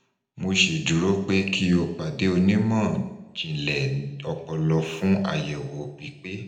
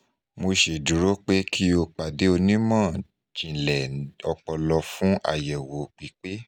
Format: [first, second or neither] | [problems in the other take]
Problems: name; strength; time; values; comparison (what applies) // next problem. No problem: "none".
second | room echo; dies away in 0.8 s